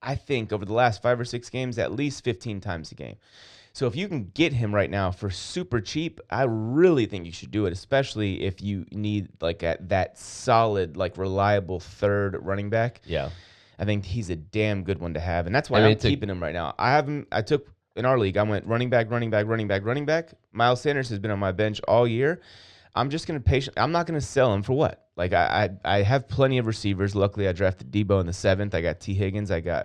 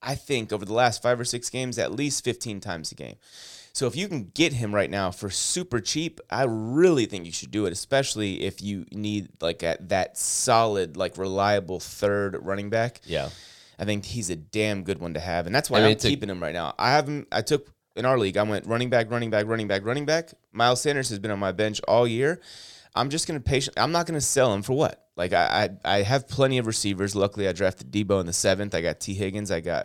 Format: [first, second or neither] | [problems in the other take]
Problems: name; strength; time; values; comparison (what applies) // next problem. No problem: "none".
second | muffled; slightly; fading above 3.5 kHz